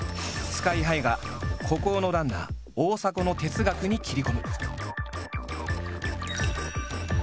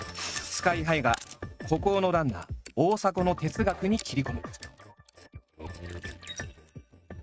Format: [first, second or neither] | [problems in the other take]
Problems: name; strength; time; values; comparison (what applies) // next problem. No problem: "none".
first | noise reduction (neural mask model RNNoise)